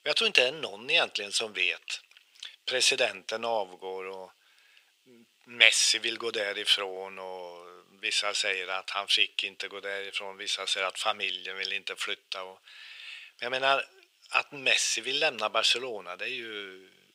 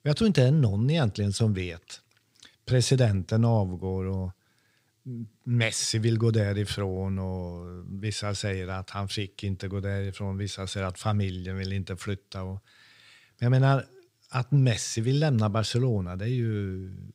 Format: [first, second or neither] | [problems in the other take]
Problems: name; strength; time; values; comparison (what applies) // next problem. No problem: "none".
second | thin; very; fading below 550 Hz